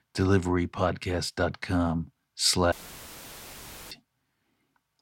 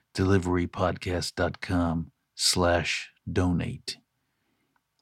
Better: second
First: audio cutting out; filled with static; at 2.5 s for 1 s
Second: none

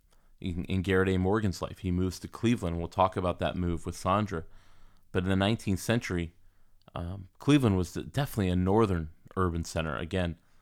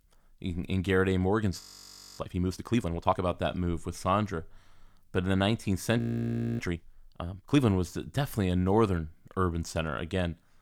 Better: first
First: none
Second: audio freezing; at 1.5 s for 0.5 s and at 6 s for 0.5 s

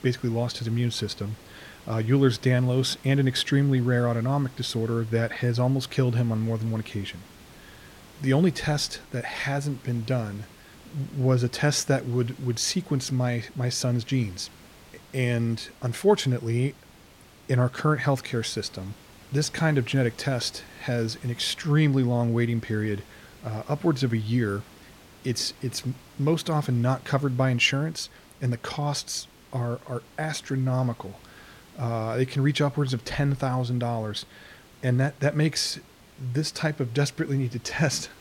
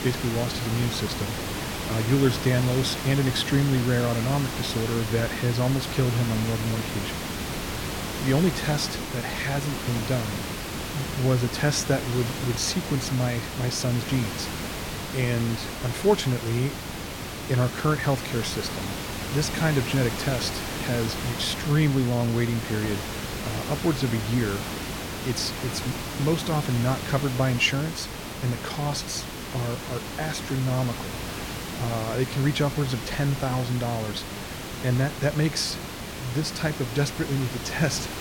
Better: first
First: hiss; faint; throughout; 25 dB below the speech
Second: hiss; loud; throughout; 5 dB below the speech

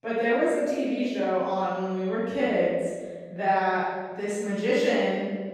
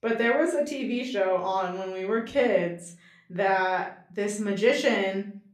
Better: second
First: room echo; strong; dies away in 1.7 s // off-mic speech; far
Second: room echo; slight; dies away in 0.4 s // off-mic speech; somewhat distant

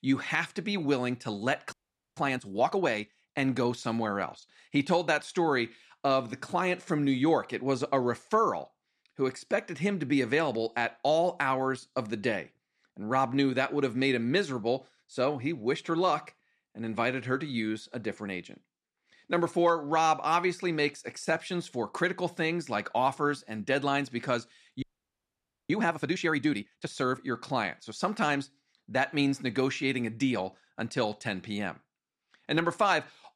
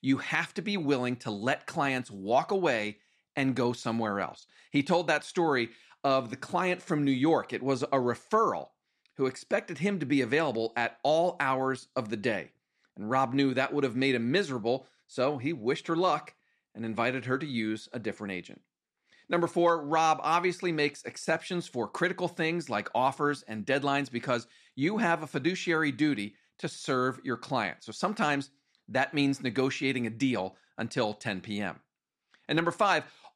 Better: second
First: audio freezing; at 1.5 s and at 25 s for 1 s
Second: none

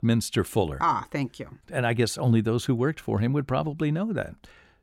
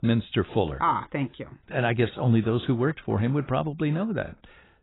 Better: first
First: none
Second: garbled, watery; badly; nothing above 4 kHz

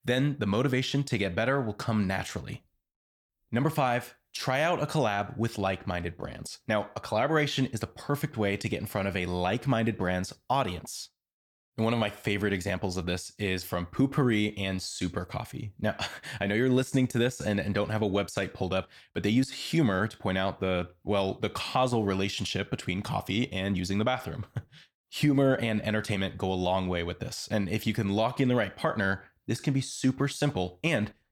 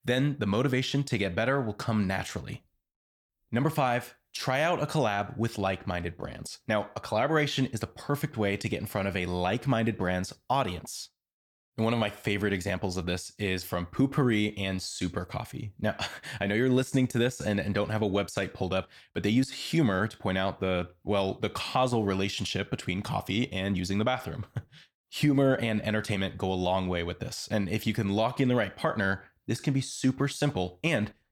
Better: neither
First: none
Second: none

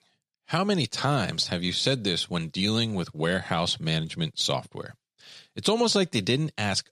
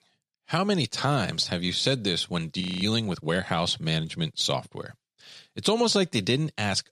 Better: first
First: none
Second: audio freezing; at 2.5 s

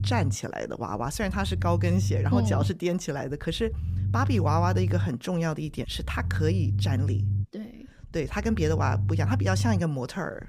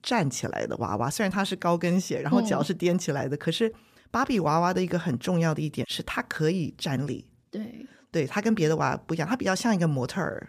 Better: second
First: low rumble; noticeable; throughout; 10 dB below the speech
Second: none

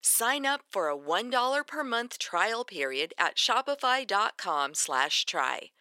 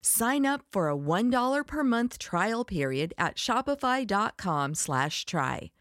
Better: second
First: thin; somewhat; fading below 400 Hz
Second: none

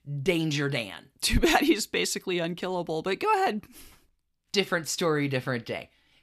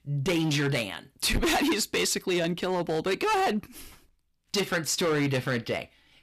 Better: first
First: none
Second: distortion; heavy; 15% of the sound clipped

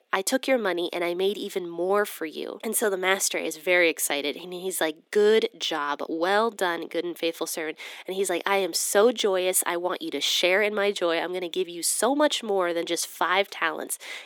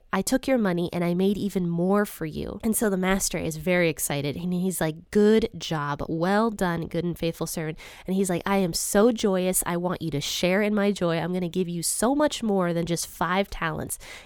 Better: second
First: thin; somewhat; fading below 300 Hz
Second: none

